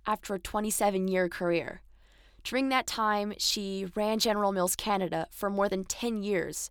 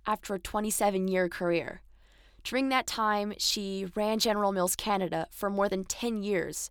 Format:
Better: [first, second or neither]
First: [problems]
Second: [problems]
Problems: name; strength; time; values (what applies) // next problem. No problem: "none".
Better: neither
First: none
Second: none